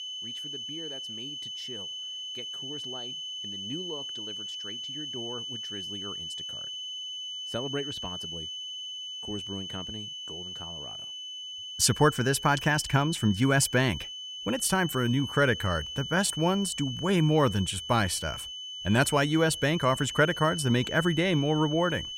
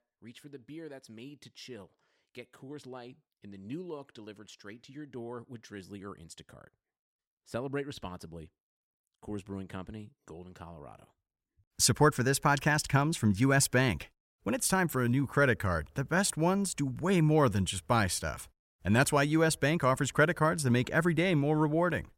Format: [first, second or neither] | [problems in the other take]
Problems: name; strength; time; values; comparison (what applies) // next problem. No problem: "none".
second | high-pitched whine; loud; throughout; 3 kHz, 9 dB below the speech